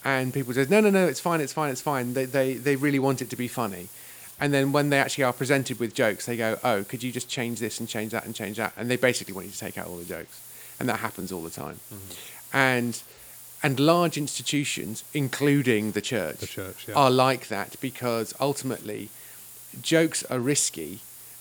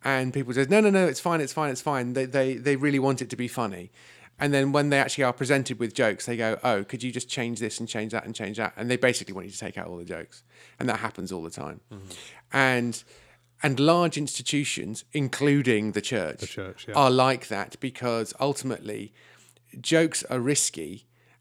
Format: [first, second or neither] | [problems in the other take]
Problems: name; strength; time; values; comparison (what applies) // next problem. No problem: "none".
second | hiss; noticeable; throughout; 15 dB below the speech